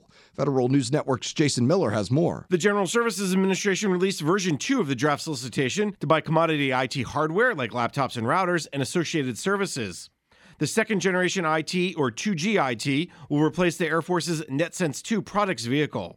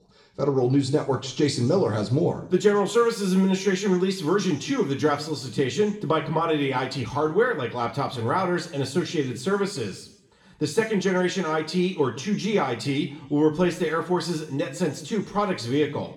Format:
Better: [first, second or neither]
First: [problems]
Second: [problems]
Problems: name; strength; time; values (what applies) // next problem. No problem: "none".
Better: first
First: none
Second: room echo; slight; dies away in 0.6 s // off-mic speech; somewhat distant